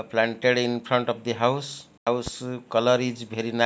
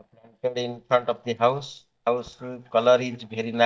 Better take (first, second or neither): first